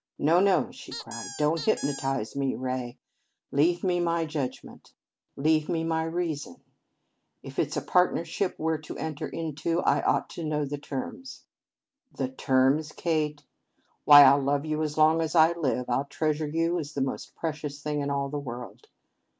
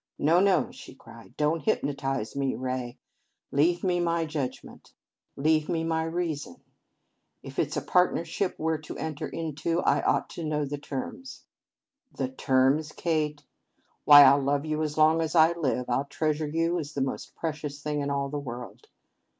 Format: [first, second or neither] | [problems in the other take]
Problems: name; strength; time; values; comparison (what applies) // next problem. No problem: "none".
second | background sound (Squeak); 12 dB below the speech